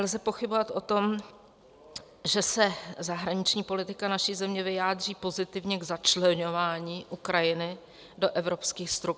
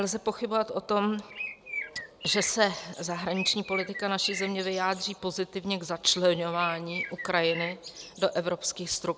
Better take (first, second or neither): first